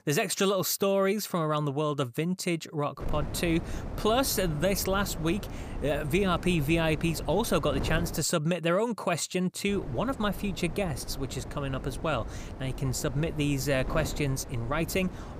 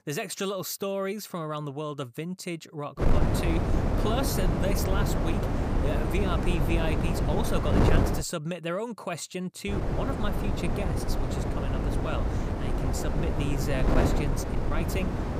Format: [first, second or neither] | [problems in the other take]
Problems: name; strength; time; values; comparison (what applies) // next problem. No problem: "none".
first | wind noise on the microphone; heavy; from 3 to 8 s and from 9.5 s on; 1 dB above the speech; occasional gusts in the first